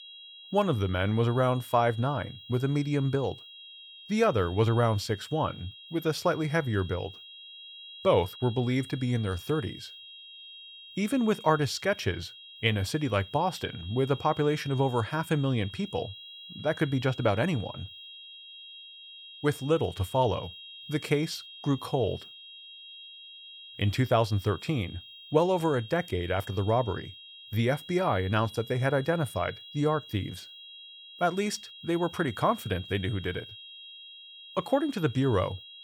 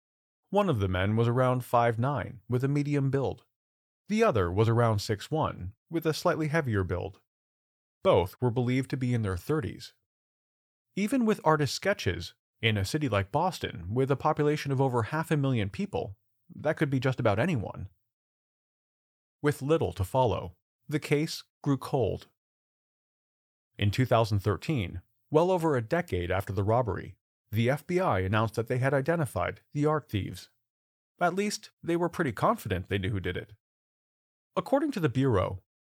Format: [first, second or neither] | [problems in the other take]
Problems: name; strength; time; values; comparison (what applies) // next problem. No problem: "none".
second | high-pitched whine; noticeable; throughout; 3 kHz, 15 dB below the speech